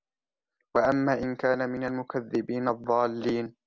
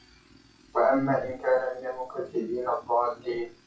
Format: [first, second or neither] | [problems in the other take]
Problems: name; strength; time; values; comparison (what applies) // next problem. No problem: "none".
first | noise reduction (classical method WPE with log-MMSE)